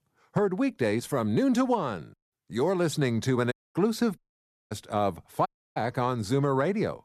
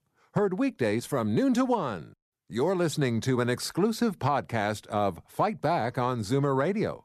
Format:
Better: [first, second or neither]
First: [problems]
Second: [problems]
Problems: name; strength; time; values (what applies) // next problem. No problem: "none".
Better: second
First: audio cutting out; at 3.5 s, at 4 s for 0.5 s and at 5.5 s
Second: none